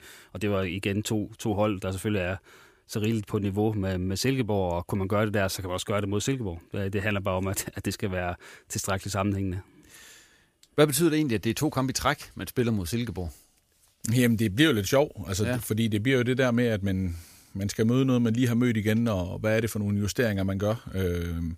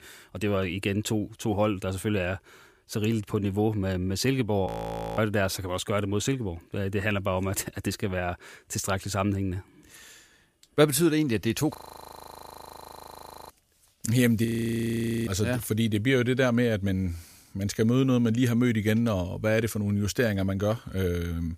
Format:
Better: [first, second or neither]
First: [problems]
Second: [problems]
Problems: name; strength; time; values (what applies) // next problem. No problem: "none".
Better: first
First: none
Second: audio freezing; at 4.5 s for 0.5 s, at 12 s for 2 s and at 14 s for 1 s